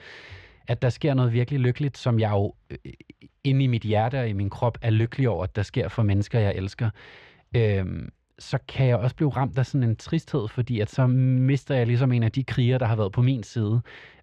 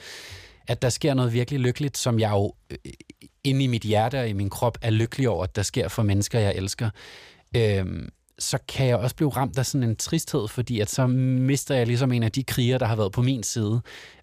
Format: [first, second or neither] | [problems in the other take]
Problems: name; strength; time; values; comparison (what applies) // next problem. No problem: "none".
second | muffled; slightly; fading above 2.5 kHz